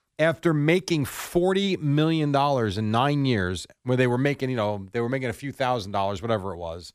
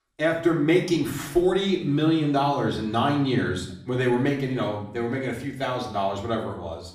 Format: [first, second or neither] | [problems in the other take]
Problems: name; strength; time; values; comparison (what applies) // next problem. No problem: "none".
first | room echo; slight; dies away in 0.6 s // off-mic speech; far